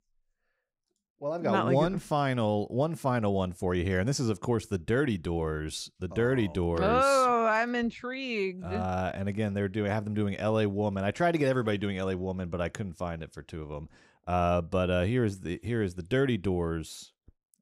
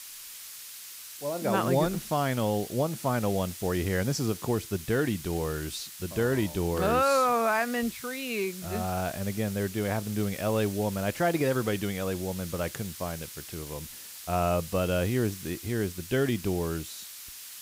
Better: first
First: none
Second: hiss; noticeable; throughout; 10 dB below the speech

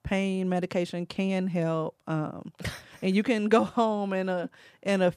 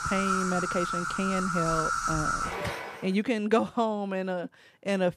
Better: first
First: none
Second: animal sounds; very loud; until 3 s; 1 dB above the speech

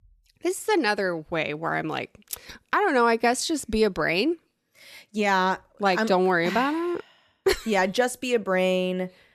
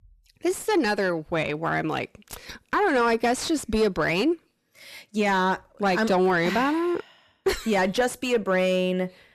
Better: first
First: none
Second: distortion; slight; 10 dB below the speech

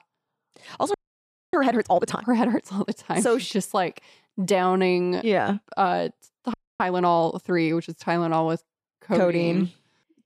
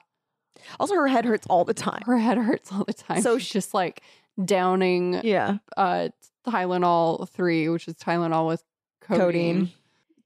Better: second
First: audio freezing; at 1 s for 0.5 s and at 6.5 s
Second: none

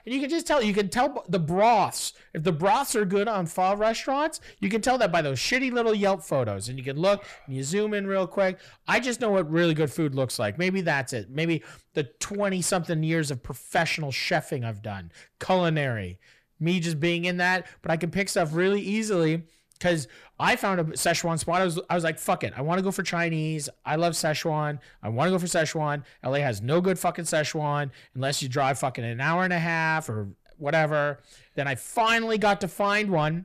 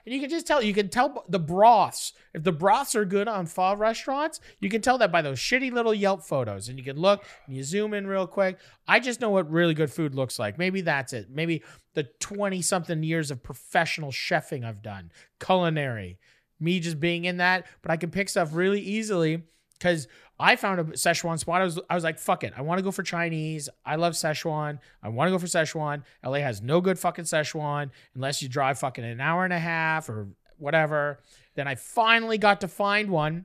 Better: second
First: distortion; slight; 10 dB below the speech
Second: none

